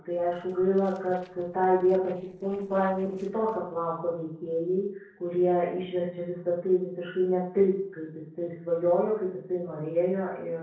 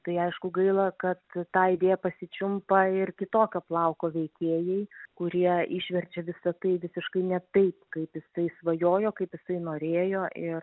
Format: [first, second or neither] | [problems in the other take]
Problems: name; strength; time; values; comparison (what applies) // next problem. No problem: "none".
second | noise reduction (neural separator model SepFormer DNS4)